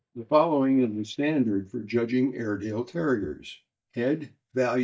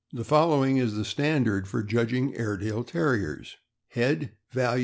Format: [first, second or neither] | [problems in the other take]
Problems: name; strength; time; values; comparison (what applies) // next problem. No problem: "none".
second | noise reduction (neural mask model DeepFilterNet 3)